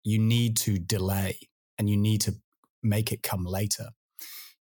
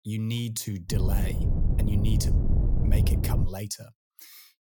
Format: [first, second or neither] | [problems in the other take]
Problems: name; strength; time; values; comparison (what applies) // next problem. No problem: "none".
first | wind noise on the microphone; heavy; from 1 to 3.5 s; 2 dB below the speech